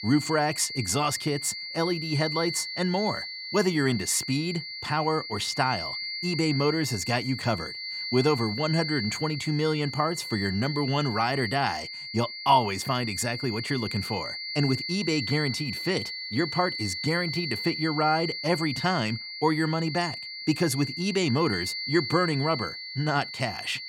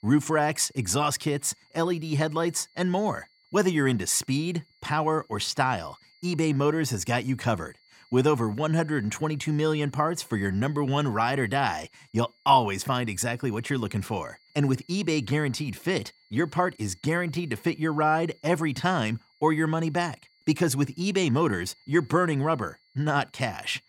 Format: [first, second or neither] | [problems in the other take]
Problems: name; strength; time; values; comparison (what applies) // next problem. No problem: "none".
second | high-pitched whine; loud; throughout; 4.5 kHz, 5 dB below the speech; faint in the second